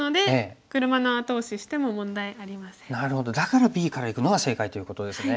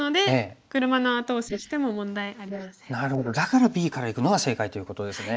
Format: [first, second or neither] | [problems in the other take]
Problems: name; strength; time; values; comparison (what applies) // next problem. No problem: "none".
first | noise reduction (neural mask model Resemble Enhance denoiser)